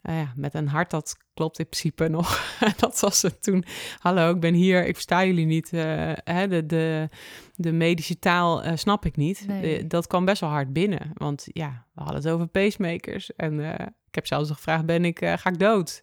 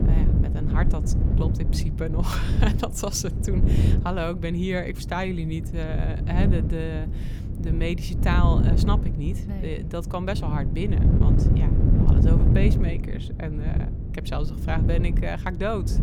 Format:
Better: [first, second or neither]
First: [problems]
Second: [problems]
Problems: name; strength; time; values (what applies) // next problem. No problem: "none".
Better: first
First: none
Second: wind noise on the microphone; heavy; 4 dB below the speech